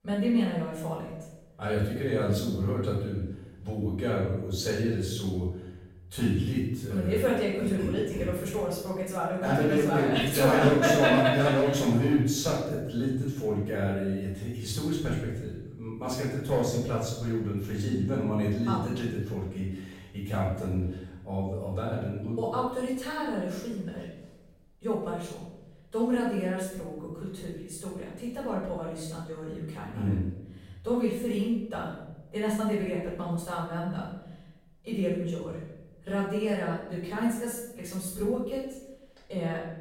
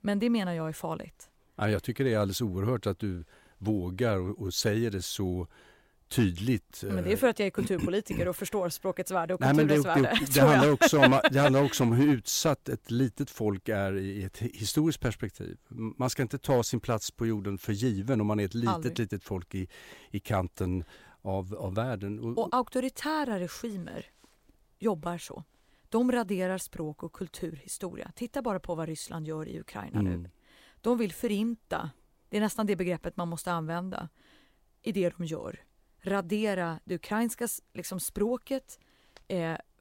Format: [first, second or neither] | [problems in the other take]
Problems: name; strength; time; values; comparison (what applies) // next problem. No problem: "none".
second | off-mic speech; far // room echo; noticeable; dies away in 0.9 s